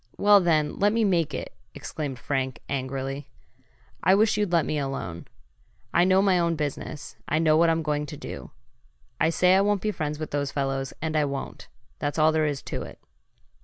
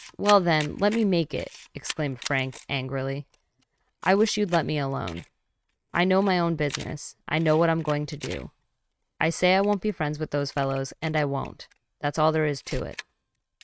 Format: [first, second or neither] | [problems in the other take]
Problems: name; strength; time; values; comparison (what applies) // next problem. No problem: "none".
first | noise reduction (neural mask model RNNoise)